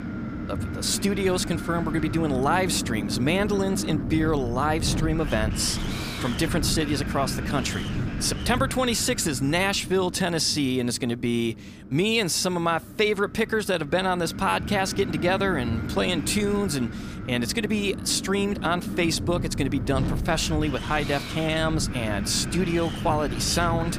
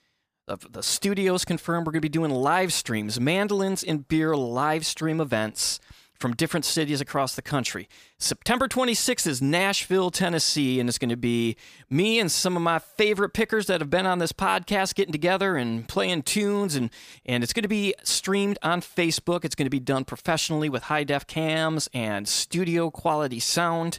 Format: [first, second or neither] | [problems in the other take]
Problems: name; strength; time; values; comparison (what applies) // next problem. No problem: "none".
second | wind noise on the microphone; occasional gusts; 10 dB below the speech